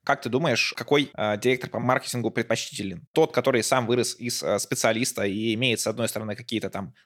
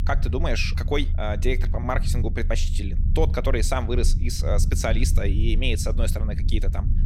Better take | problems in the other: first | low rumble; noticeable; throughout; 15 dB below the speech

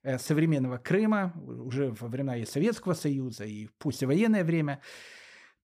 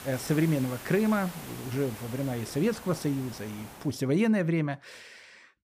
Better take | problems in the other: first | hiss; noticeable; until 4 s; 15 dB below the speech

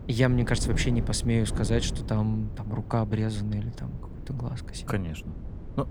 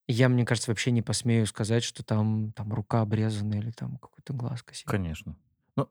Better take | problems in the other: second | wind noise on the microphone; occasional gusts; 15 dB below the speech

